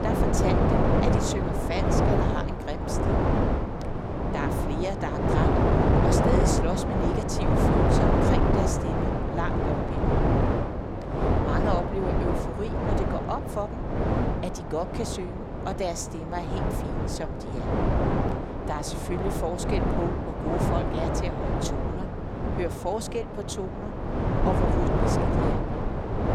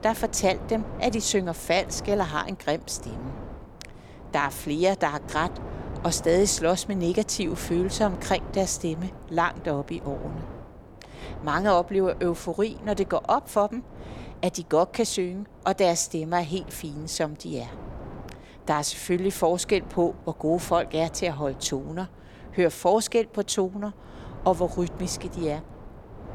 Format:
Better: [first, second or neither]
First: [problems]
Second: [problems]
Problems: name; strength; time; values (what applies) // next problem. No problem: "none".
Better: second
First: wind noise on the microphone; heavy; 5 dB above the speech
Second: wind noise on the microphone; occasional gusts; 20 dB below the speech